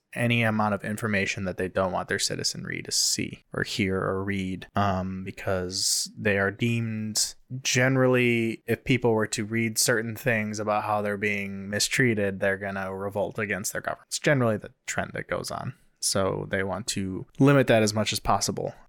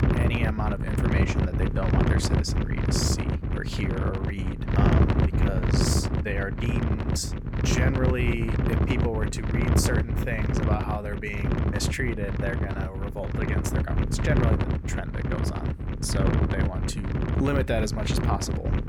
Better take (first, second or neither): first